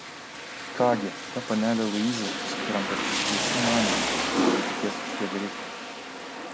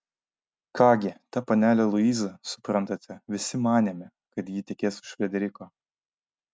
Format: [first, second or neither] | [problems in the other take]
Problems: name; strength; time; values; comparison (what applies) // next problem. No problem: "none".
second | background sound (Rain); 1 dB above the speech